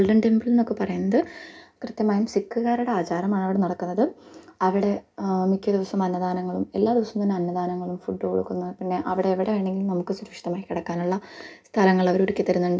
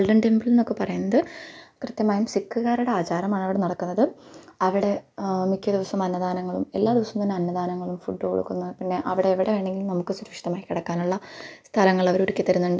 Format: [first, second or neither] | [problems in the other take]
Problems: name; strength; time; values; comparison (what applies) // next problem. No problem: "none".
second | room echo; dies away in 0.3 s